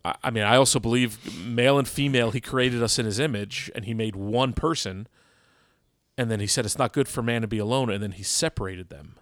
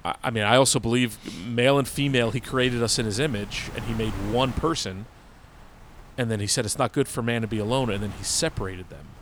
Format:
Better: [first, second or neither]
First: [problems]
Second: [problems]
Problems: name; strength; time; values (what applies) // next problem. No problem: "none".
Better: first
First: none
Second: wind noise on the microphone; occasional gusts; 20 dB below the speech